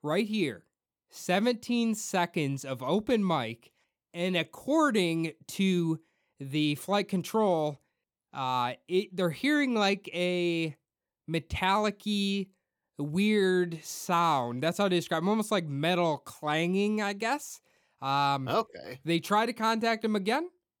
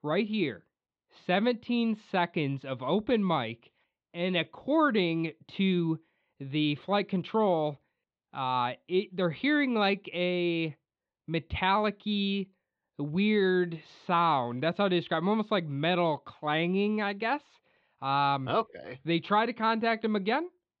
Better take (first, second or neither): first